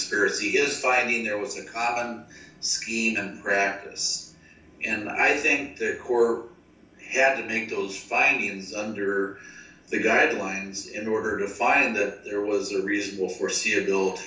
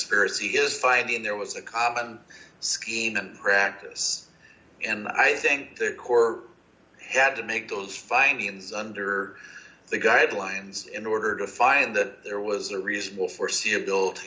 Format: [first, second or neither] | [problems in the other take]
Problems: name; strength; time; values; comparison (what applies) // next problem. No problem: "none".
second | room echo; dies away in 0.3 s